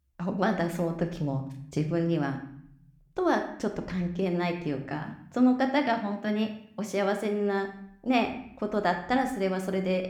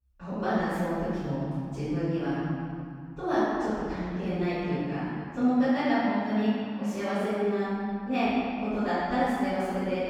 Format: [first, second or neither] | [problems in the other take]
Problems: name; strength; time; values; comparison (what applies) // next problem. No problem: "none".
first | room echo; strong; dies away in 2.5 s; slight in the first // off-mic speech; far